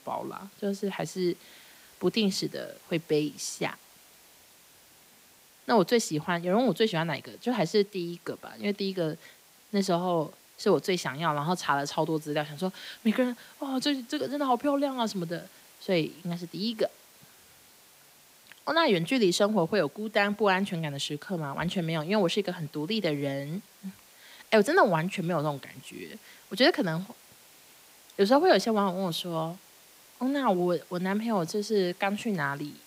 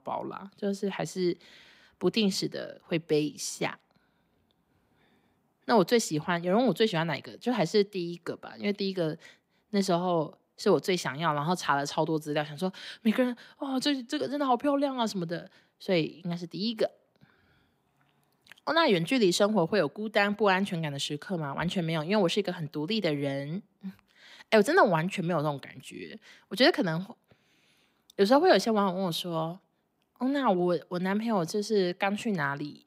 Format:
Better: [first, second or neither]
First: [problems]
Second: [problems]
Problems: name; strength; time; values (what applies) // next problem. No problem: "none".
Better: second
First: hiss; faint; throughout; 25 dB below the speech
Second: none